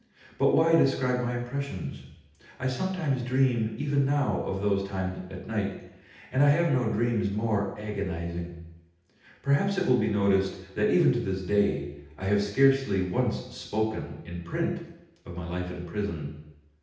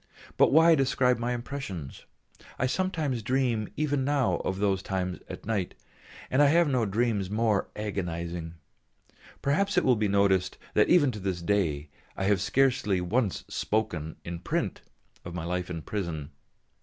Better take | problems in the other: second | room echo; dies away in 0.8 s

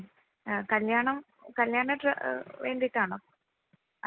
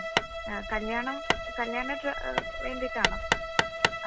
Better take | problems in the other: first | background sound (Hammer + Bowed string instrument); 5 dB above the speech

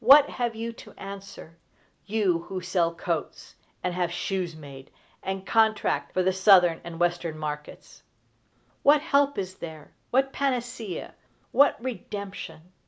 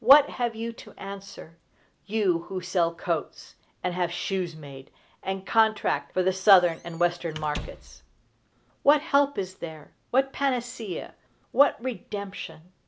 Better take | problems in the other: first | background sound (Squeak / Slam); 15 dB below the speech

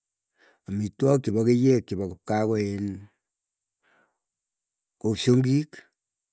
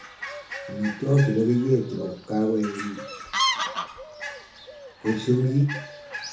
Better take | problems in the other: first | background sound (Fowl); 7 dB below the speech // room echo; dies away in 0.6 s

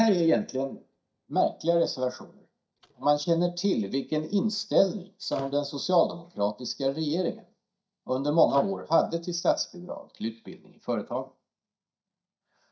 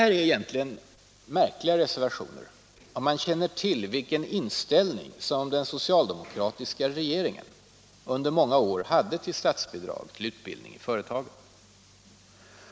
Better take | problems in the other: second | noise reduction (neural mask model DeepFilterNet 3)

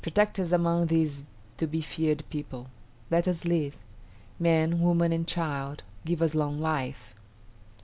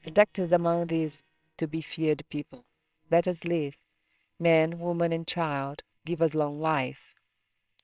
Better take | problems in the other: first | noise reduction (neural separator model SepFormer WHAMR!)

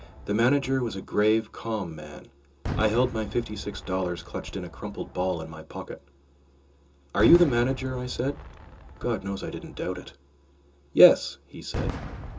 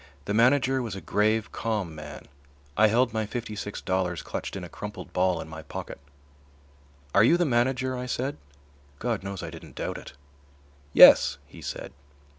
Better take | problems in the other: second | background sound (Fireworks); 11 dB below the speech // room echo; dies away in 0.2 s

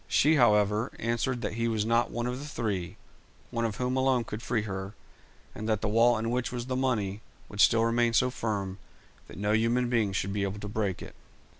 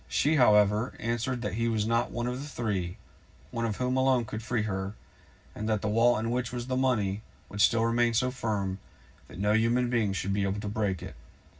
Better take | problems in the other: first | room echo; dies away in 0.4 s

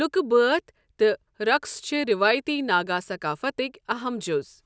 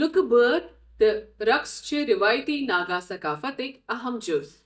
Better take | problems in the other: first | noise reduction (neural mask model DeepFilterNet 3)

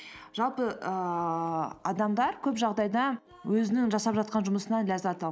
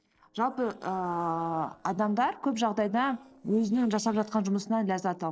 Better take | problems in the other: first | noise reduction (neural separator model SepFormer DNS4)

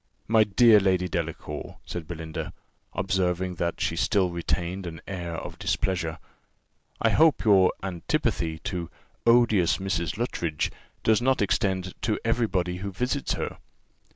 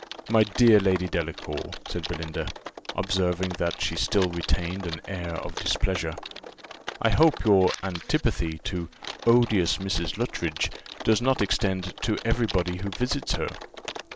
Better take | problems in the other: first | background sound (Typing); 14 dB below the speech

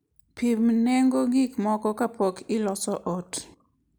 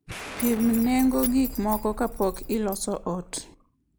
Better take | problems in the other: first | background sound (Keys jangling + Explosion); 10 dB below the speech

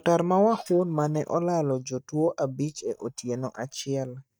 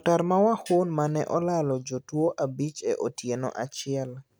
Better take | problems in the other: second | noise reduction (neural mask model DeepFilterNet 3)

